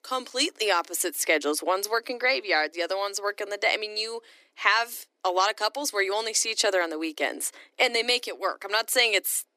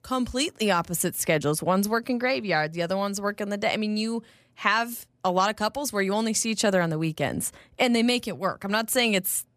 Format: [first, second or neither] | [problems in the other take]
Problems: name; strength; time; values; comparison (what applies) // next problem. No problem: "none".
second | thin; very; fading below 300 Hz